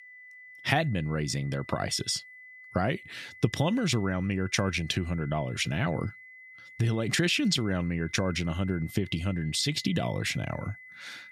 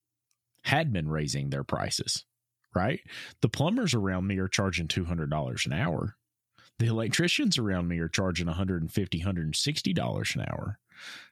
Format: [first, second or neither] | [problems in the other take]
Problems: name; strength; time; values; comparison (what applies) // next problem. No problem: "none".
second | high-pitched whine; noticeable; throughout; 2 kHz, 20 dB below the speech